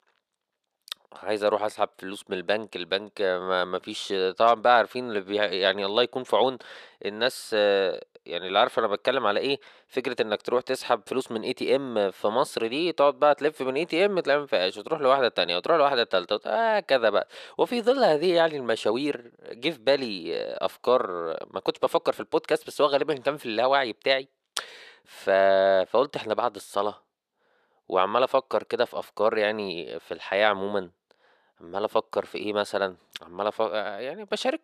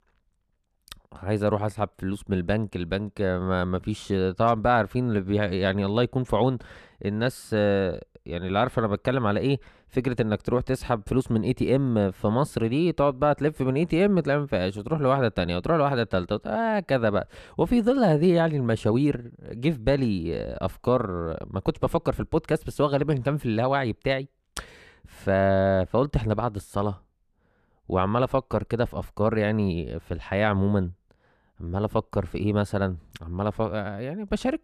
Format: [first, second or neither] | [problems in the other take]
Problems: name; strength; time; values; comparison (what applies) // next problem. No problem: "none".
second | thin; somewhat; fading below 500 Hz